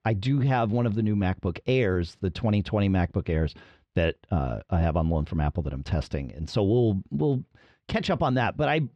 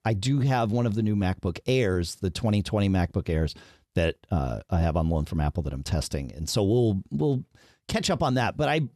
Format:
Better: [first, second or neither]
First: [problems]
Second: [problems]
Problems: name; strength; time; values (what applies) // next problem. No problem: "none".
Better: second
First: muffled; slightly; fading above 2.5 kHz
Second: none